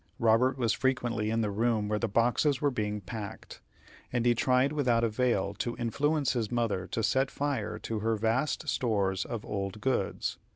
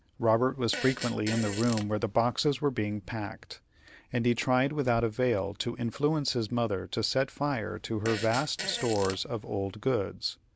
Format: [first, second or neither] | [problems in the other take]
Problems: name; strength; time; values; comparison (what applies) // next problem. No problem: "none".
first | background sound (Fart); 11 dB below the speech